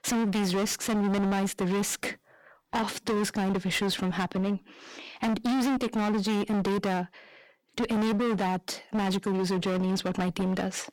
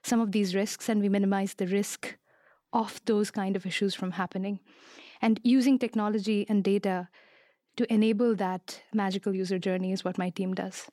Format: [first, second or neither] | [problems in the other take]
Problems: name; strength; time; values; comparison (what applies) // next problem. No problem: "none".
second | distortion; heavy; 33% of the sound clipped